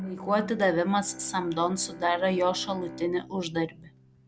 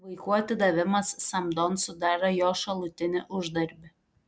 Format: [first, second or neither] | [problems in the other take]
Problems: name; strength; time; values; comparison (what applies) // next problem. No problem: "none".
second | background sound (Bowed string instrument); 15 dB below the speech